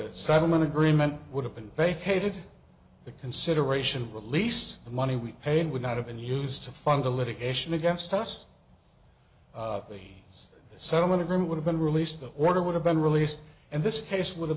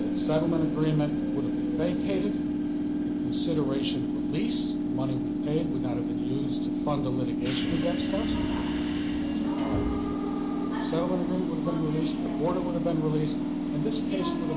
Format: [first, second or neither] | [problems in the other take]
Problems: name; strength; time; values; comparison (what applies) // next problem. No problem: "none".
first | background sound (Subway, metro, underground / Train); 4 dB above the speech // room echo; dies away in 0.9 s